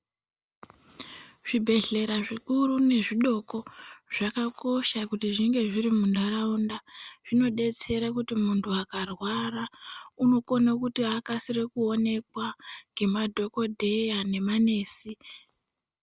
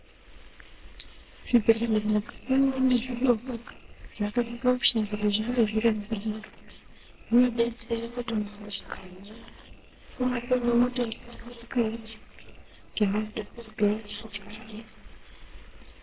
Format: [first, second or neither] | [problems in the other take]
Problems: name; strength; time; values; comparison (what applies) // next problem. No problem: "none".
first | noise reduction (neural separator model SepFormer WHAMR!)